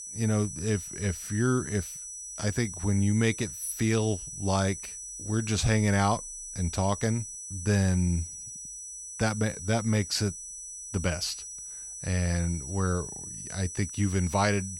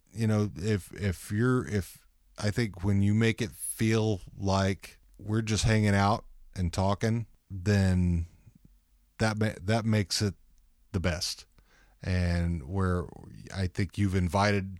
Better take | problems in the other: second | high-pitched whine; loud; throughout; 6 kHz, 9 dB below the speech

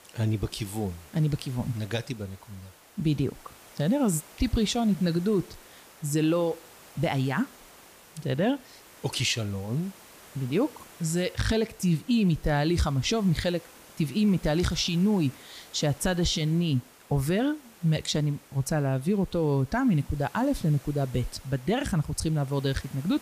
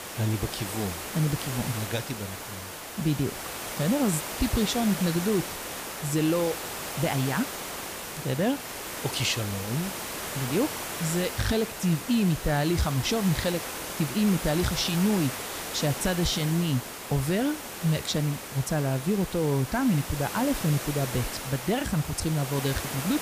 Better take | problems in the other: first | hiss; loud; throughout; 6 dB below the speech; faint in the first

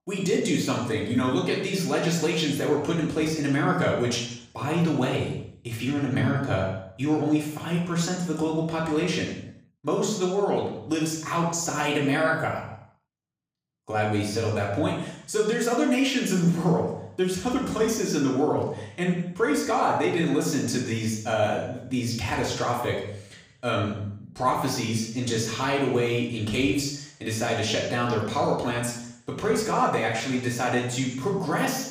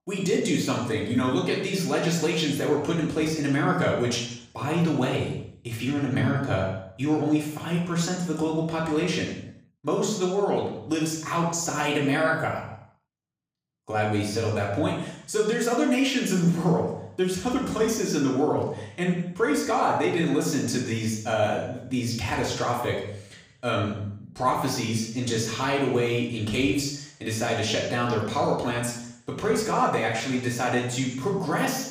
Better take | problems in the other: neither | room echo; noticeable; dies away in 0.7 s; the same in both // off-mic speech; far; the same in both

